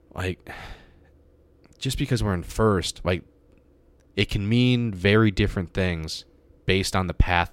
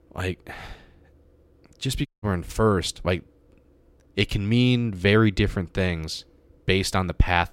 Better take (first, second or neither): first